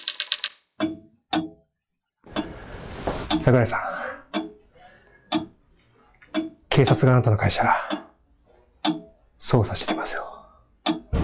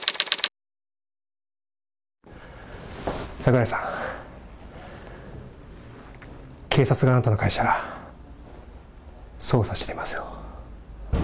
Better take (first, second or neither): second